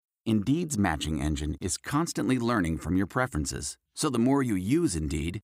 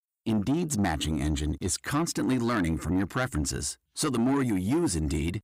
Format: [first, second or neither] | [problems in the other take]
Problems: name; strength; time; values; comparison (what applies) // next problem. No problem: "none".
first | distortion; slight; 10 dB below the speech